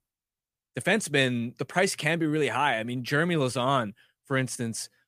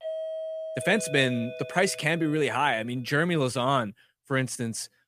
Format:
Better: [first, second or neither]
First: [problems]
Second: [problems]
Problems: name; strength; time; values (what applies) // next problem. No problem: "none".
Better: first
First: none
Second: doorbell; noticeable; until 2.5 s; peak 7 dB below the speech